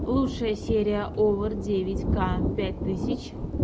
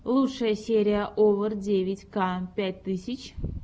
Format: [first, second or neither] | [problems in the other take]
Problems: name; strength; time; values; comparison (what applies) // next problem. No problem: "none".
second | background sound (Thunder); 2 dB below the speech